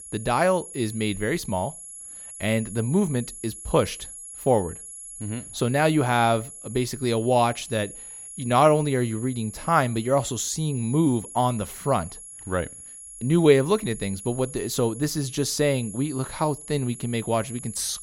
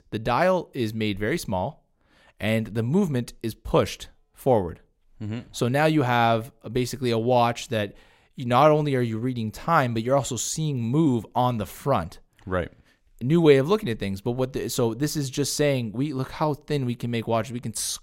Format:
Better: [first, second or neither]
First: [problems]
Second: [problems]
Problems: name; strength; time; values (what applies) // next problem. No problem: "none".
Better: second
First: high-pitched whine; noticeable; throughout; 11 kHz, 15 dB below the speech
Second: none